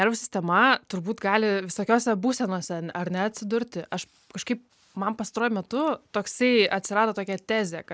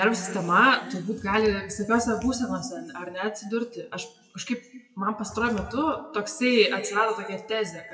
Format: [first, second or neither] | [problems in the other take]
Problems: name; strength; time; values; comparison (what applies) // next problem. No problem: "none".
first | noise reduction (classical method WPE with log-MMSE)